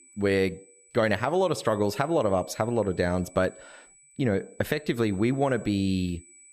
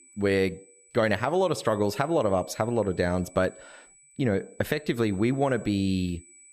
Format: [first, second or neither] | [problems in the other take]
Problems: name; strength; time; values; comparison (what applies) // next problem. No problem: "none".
neither | high-pitched whine; faint; throughout; 8 kHz, 25 dB below the speech; the same in both